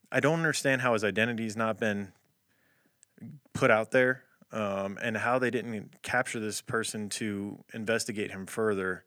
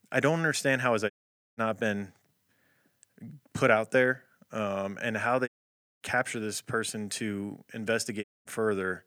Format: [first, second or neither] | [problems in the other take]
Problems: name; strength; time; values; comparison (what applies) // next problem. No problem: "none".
first | audio cutting out; at 1 s, at 5.5 s for 0.5 s and at 8 s